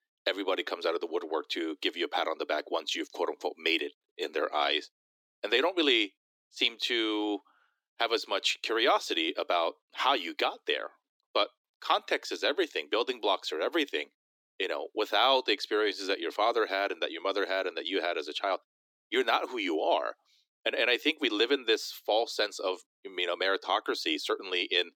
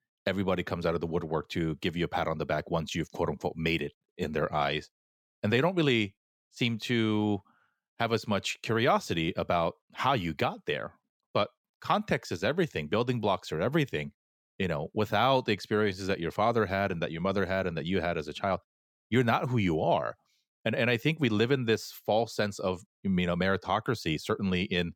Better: second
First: thin; somewhat; fading below 300 Hz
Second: none

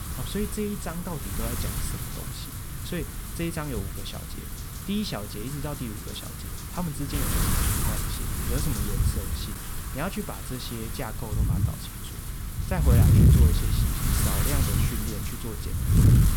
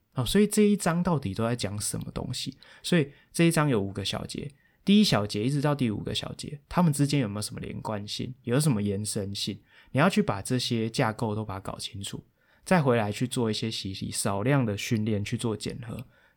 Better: second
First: wind noise on the microphone; heavy; 2 dB above the speech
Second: none

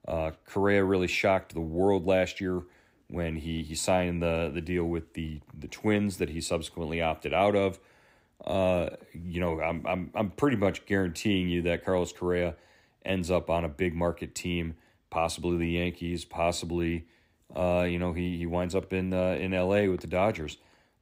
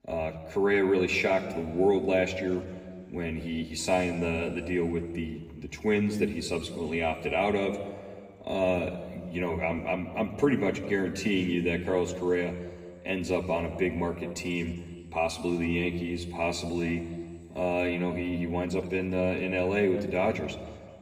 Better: first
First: none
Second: room echo; slight; dies away in 1.7 s // off-mic speech; somewhat distant

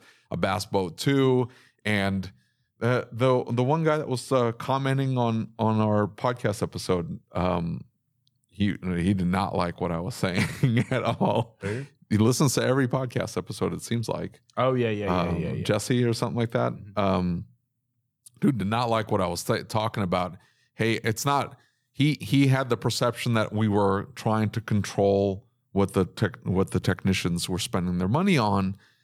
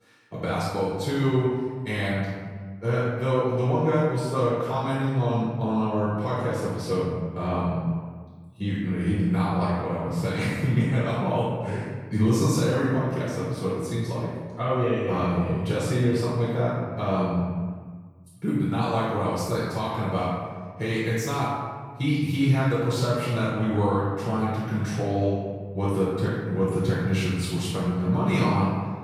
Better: first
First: none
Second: off-mic speech; far // room echo; strong; dies away in 1.5 s

